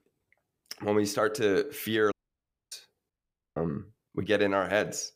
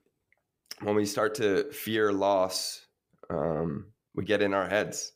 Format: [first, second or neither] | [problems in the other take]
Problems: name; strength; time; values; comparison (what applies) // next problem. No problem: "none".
second | audio cutting out; at 2 s for 0.5 s and at 3 s